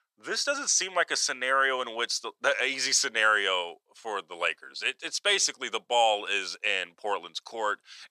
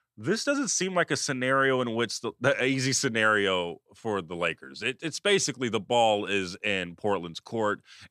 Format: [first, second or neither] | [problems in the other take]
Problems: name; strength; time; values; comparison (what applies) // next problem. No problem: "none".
second | thin; very; fading below 700 Hz